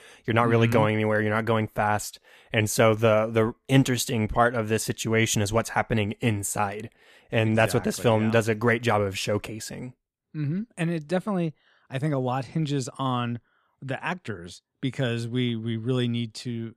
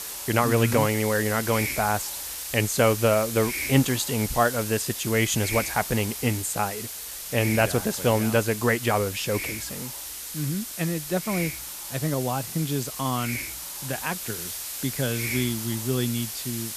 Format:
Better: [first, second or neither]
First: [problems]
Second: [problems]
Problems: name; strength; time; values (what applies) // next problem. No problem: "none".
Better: first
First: none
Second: hiss; loud; throughout; 6 dB below the speech